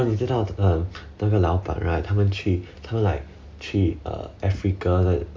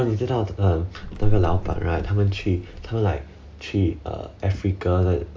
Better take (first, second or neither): first